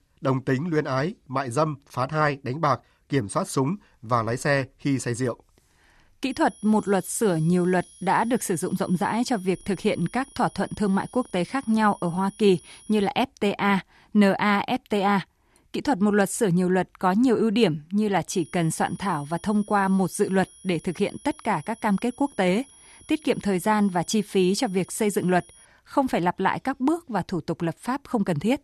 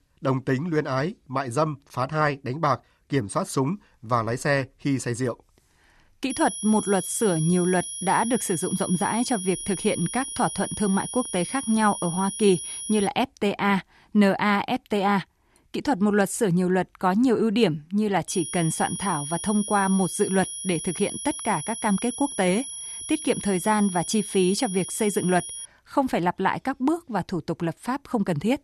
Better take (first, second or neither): first